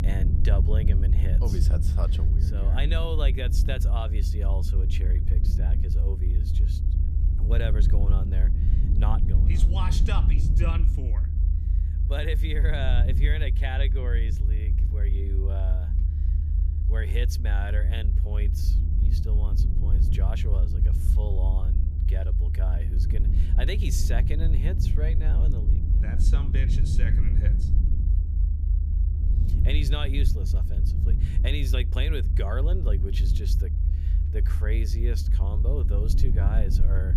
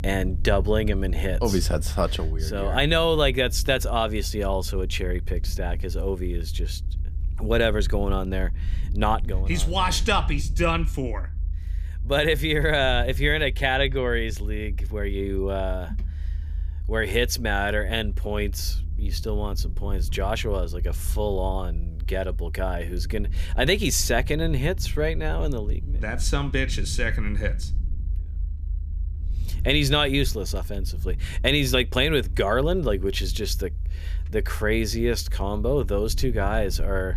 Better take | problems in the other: second | low rumble; loud; throughout; 5 dB below the speech; faint in the second

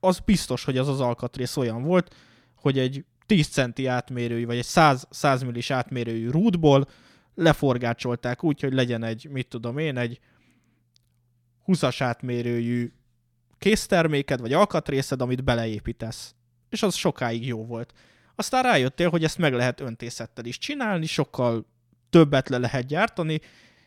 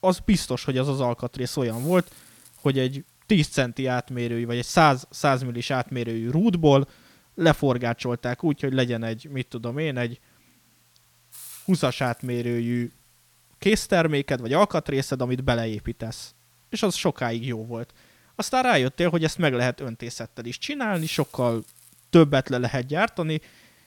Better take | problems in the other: first | hiss; faint; throughout; 25 dB below the speech

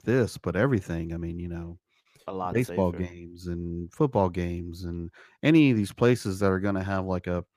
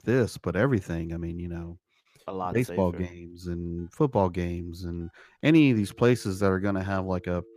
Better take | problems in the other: first | alarms or sirens; faint; from 3.5 s on; 30 dB below the speech

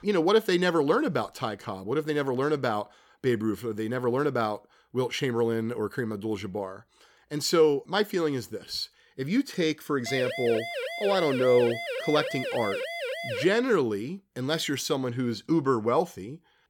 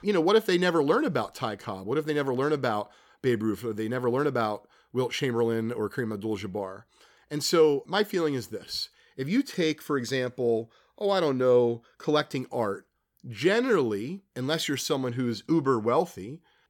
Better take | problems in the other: second | siren; noticeable; from 10 to 13 s; peak 4 dB below the speech

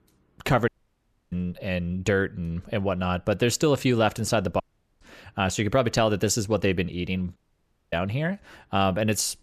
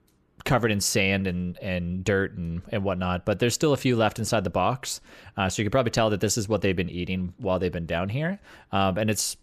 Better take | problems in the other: second | audio cutting out; at 0.5 s for 0.5 s, at 4.5 s and at 7.5 s for 0.5 s

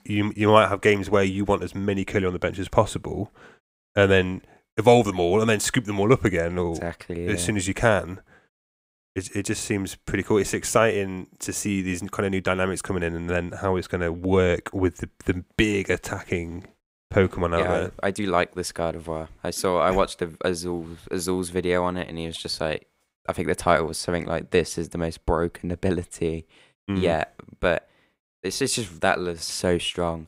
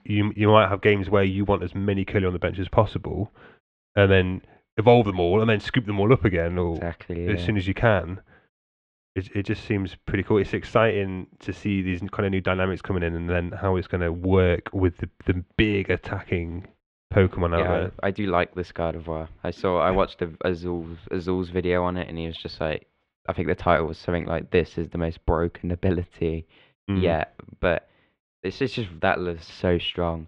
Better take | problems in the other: first | muffled; slightly; fading above 3.5 kHz

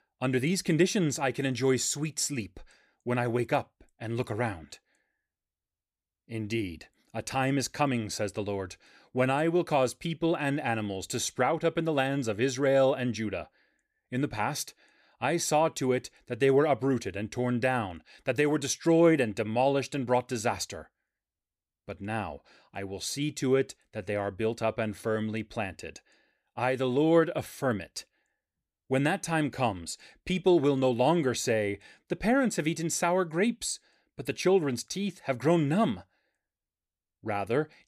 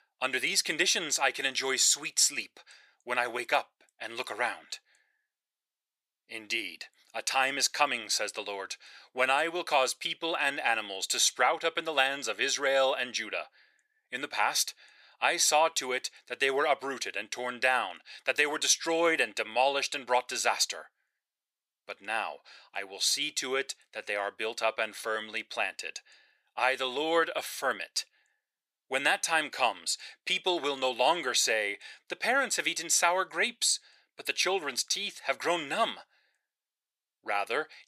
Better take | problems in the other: first | thin; very; fading below 800 Hz

